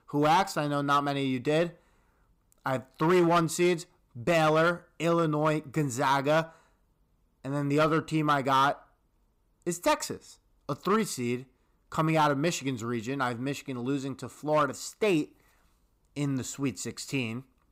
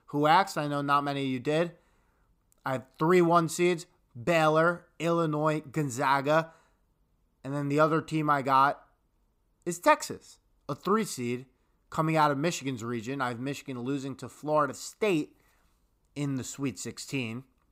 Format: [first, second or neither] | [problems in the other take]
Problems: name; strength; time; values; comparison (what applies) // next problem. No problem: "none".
second | distortion; slight; 3% of the sound clipped